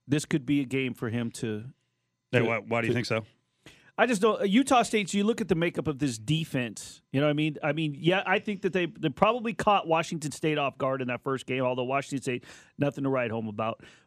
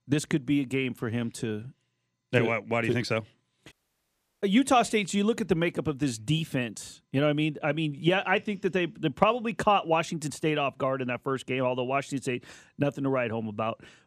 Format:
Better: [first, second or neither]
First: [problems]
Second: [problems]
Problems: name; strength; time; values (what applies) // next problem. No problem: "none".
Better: first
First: none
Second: audio cutting out; at 3.5 s for 0.5 s